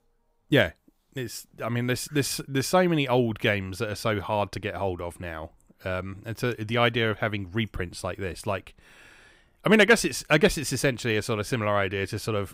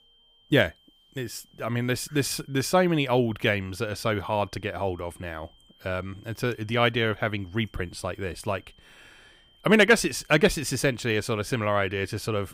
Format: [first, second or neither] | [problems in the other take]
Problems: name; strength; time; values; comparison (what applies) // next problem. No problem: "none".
first | high-pitched whine; faint; throughout; 3 kHz, 30 dB below the speech